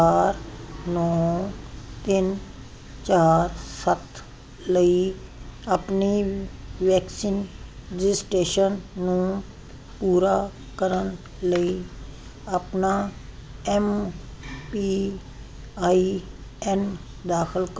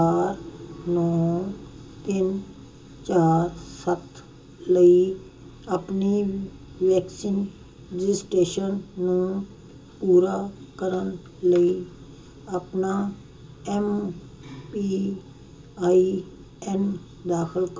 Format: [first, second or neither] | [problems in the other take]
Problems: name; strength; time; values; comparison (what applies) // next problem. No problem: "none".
first | room echo; dies away in 0.2 s